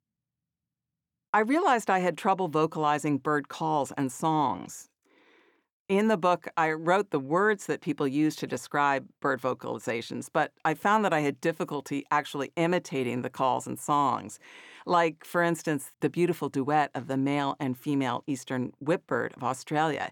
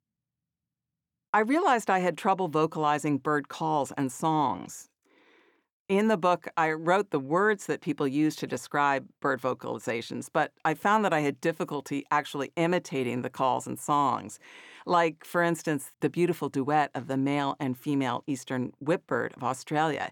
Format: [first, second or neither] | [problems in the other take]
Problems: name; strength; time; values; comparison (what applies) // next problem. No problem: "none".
neither | none